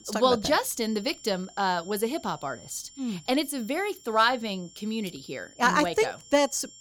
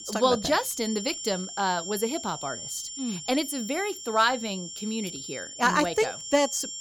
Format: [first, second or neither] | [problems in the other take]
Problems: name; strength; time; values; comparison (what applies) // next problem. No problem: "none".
first | high-pitched whine; loud; throughout; 7 kHz, 9 dB below the speech; faint in the first